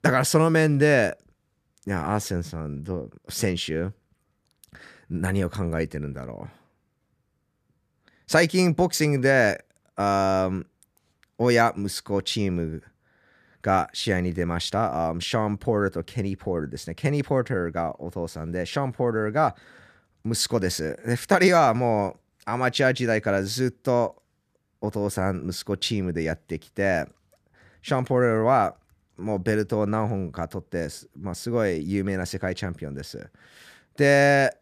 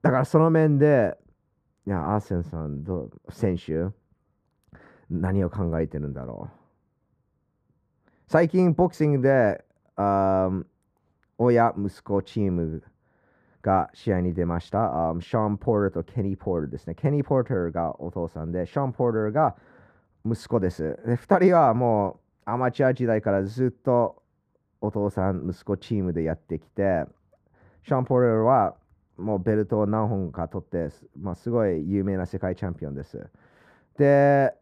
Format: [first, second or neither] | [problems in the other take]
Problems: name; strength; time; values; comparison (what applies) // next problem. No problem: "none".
first | muffled; very; fading above 2 kHz